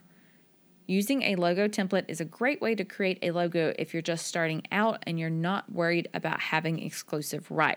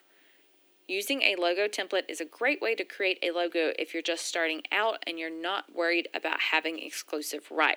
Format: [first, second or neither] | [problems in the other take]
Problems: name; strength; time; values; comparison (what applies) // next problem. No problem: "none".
first | thin; somewhat; fading below 300 Hz